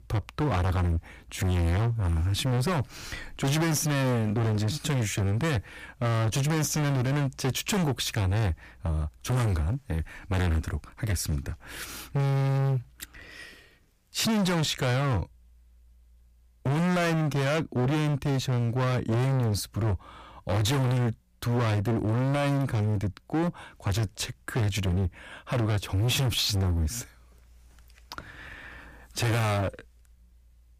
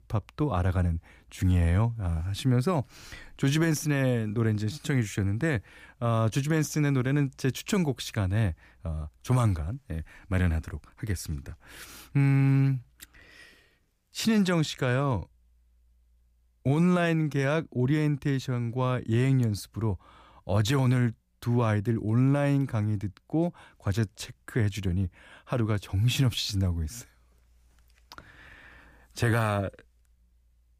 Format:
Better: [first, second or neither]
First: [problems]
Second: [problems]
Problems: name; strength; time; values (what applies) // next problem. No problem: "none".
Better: second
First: distortion; heavy; 26% of the sound clipped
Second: none